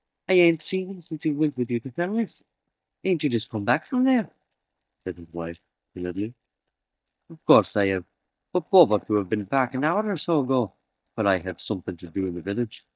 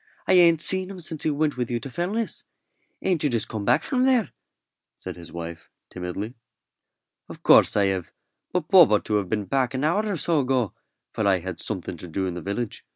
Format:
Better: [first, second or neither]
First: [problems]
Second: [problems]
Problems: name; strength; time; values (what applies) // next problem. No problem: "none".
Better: second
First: noise reduction (neural mask model DeepFilterNet 3)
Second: none